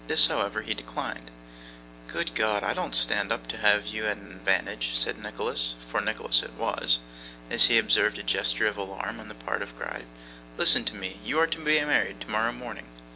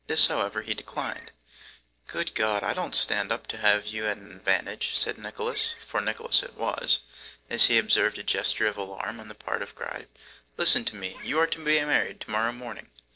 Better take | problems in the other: first | noise reduction (neural separator model SepFormer DNS4)

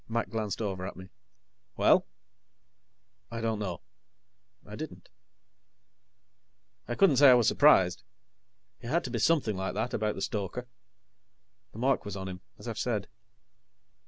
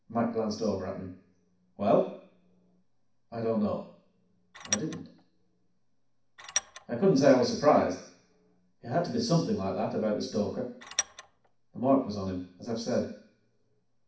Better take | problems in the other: first | background sound (Tools); 7 dB below the speech // room echo; dies away in 0.6 s

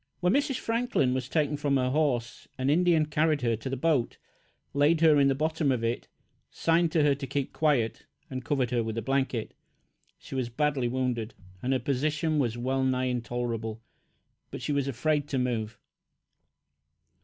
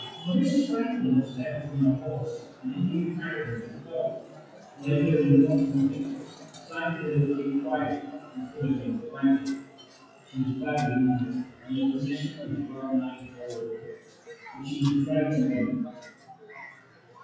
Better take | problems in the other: first | noise reduction (classical method WPE with log-MMSE)

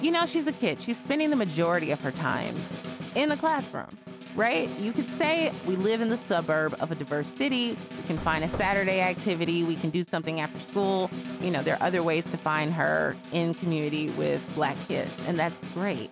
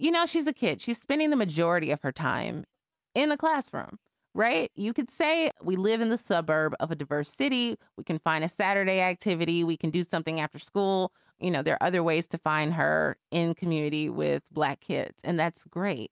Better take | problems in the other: second | background sound (Knock / Wood + Snare drum); 11 dB below the speech

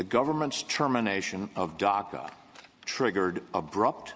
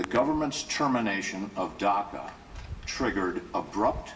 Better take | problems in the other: first | background sound (Hands); 15 dB below the speech // room echo; dies away in 0.6 s

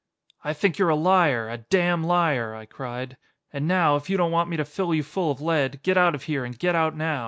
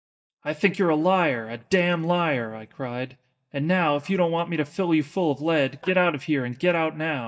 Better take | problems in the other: first | noise reduction (neural mask model DeepFilterNet 3)

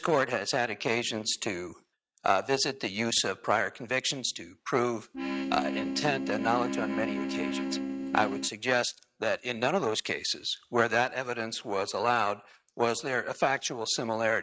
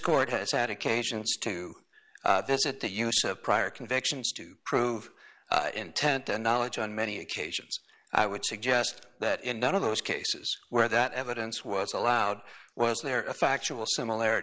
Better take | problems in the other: second | noise reduction (neural mask model RNNoise)

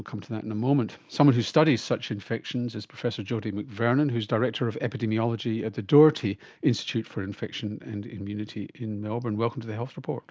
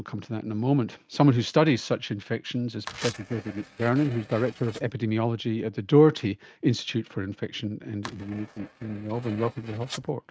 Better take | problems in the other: first | noise reduction (neural mask model RNNoise)

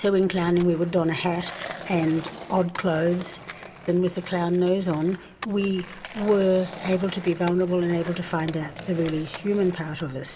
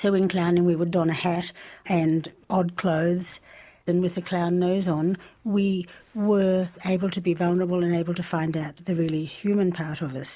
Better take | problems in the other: second | background sound (Skateboard); 16 dB below the speech // room echo; dies away in 1 s

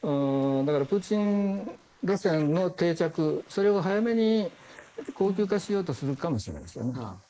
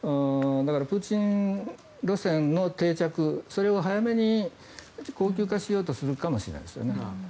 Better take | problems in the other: second | noise reduction (neural mask model Resemble Enhance denoiser)

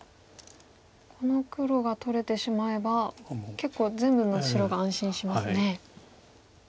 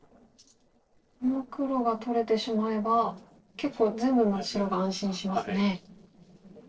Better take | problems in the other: first | noise reduction (neural separator model SepFormer DNS4)

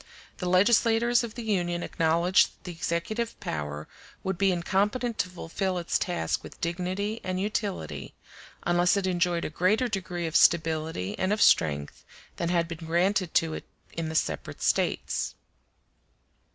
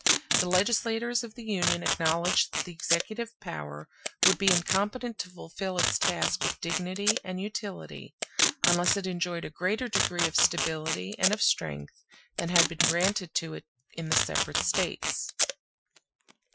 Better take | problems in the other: first | noise reduction (classical method Wiener filter)

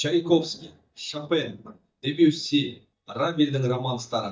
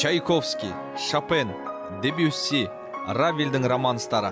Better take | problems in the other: second | noise reduction (neural mask model DeepFilterNet 3)

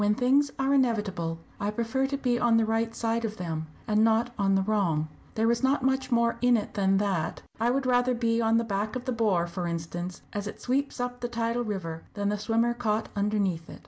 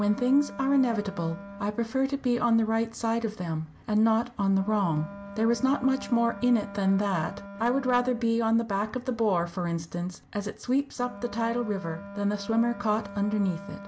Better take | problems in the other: first | background sound (Wind instrument, woodwind instrument); 16 dB below the speech

